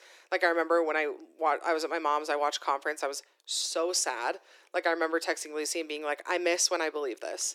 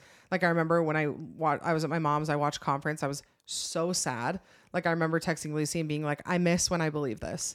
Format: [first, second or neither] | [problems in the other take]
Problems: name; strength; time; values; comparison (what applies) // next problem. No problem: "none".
second | thin; very; fading below 350 Hz